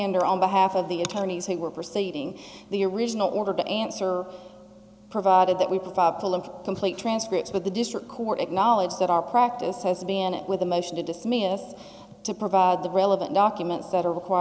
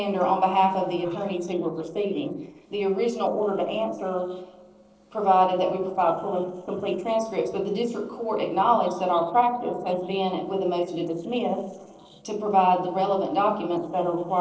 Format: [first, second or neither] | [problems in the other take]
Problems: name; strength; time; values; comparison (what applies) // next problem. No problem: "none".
first | noise reduction (neural separator model SepFormer DNS4)